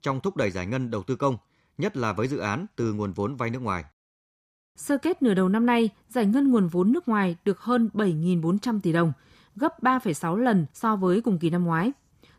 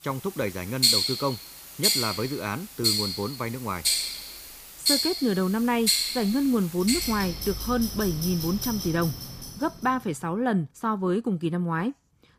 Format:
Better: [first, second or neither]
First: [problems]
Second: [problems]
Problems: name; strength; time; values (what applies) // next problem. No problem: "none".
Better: first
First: none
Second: household noises; very loud; until 9.5 s; 2 dB above the speech